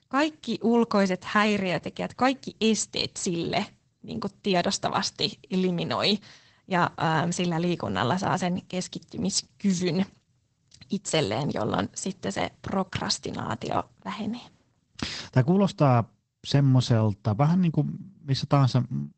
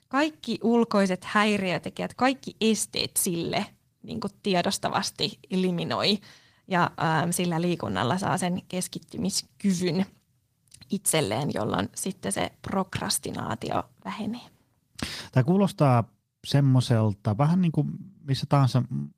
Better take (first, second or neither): second